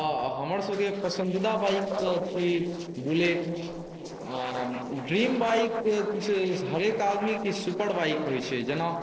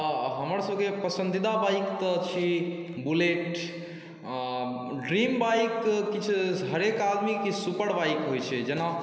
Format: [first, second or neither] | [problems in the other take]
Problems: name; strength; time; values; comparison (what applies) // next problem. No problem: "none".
second | noise reduction (neural separator model SepFormer DNS4)